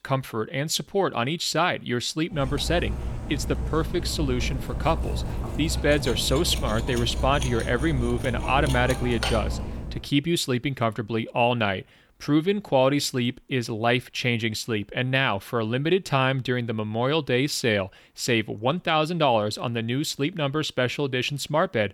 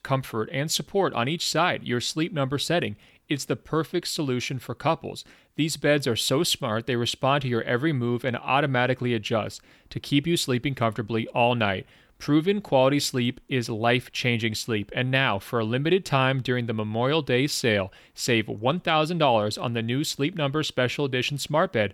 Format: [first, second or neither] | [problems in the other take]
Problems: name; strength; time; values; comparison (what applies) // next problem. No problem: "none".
second | clattering dishes; noticeable; from 2.5 to 10 s; peak 3 dB below the speech